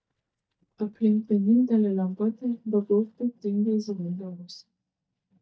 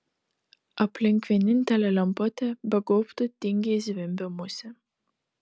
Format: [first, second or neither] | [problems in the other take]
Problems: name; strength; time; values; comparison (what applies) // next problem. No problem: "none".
second | noise reduction (neural mask model DeepFilterNet 3)